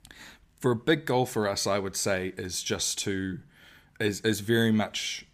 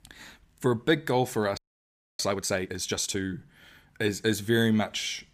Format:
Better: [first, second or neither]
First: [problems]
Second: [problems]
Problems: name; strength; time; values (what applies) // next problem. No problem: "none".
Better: first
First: none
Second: audio freezing; at 1.5 s for 0.5 s